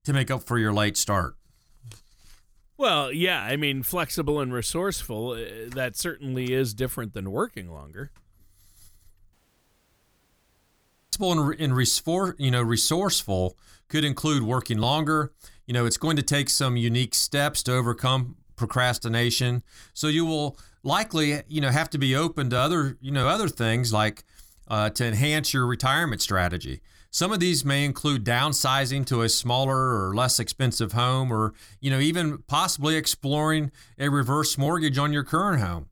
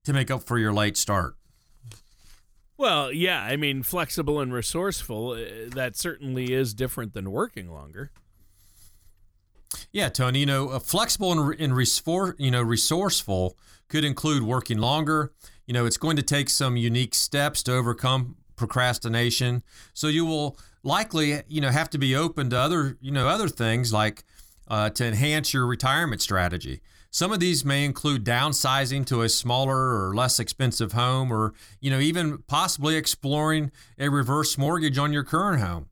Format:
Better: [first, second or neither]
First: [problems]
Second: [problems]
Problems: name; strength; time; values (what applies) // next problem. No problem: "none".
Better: second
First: audio cutting out; at 9.5 s for 2 s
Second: none